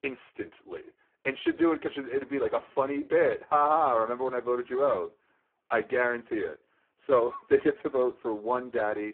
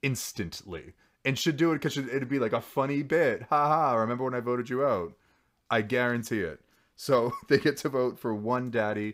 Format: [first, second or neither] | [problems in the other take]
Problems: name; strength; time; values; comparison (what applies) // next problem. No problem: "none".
second | phone-call audio; poor line